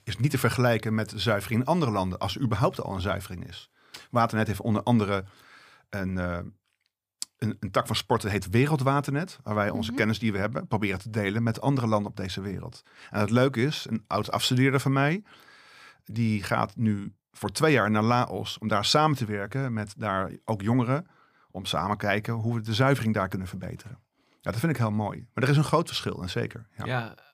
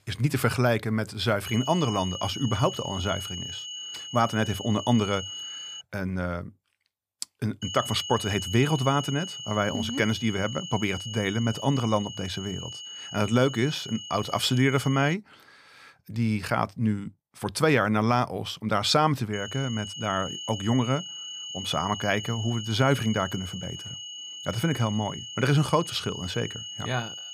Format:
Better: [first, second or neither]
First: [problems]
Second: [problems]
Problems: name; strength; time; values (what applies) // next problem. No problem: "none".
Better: first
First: none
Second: high-pitched whine; loud; from 1.5 to 6 s, from 7.5 to 15 s and from 19 s on; 3 kHz, 9 dB below the speech